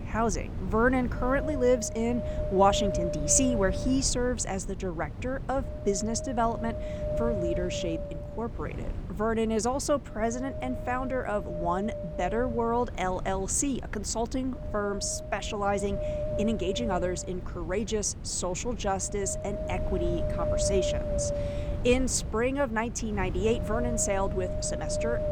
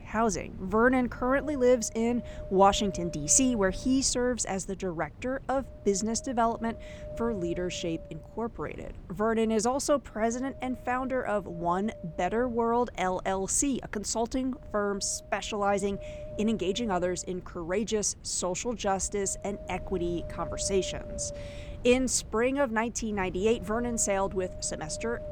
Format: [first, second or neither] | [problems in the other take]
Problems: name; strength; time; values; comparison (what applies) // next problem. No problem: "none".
second | wind noise on the microphone; heavy; 5 dB below the speech; occasional gusts in the second